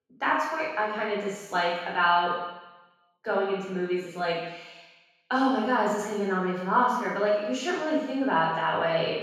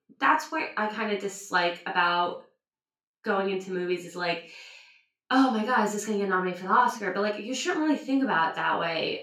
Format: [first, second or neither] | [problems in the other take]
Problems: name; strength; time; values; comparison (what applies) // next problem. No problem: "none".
second | room echo; strong; dies away in 1.1 s; slight in the second // off-mic speech; far; far in the second